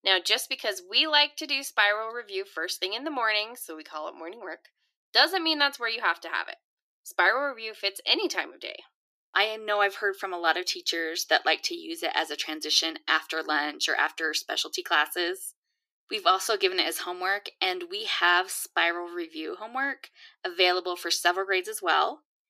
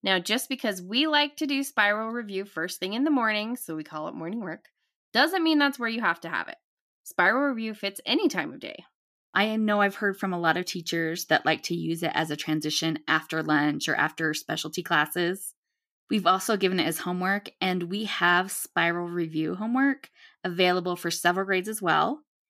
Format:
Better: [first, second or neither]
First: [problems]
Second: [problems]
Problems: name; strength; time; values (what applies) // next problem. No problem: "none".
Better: second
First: thin; very; fading below 350 Hz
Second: none